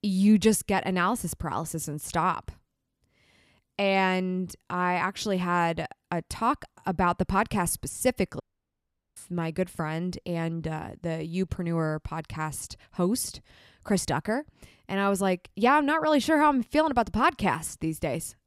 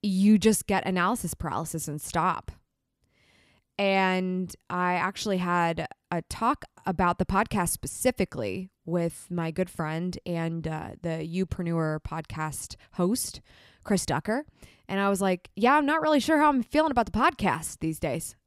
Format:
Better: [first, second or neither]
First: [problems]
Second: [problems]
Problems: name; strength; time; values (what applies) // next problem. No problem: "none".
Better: second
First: audio cutting out; at 8.5 s for 1 s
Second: none